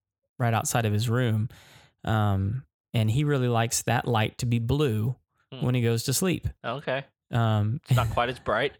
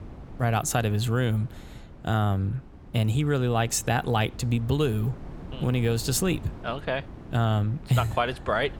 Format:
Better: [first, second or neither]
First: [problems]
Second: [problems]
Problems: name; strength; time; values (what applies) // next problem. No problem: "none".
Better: first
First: none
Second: wind noise on the microphone; occasional gusts; 20 dB below the speech